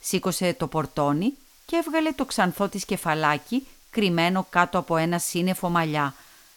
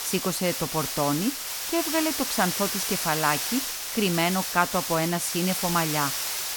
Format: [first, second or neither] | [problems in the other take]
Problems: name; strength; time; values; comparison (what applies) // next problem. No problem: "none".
first | hiss; loud; throughout; 1 dB below the speech; faint in the first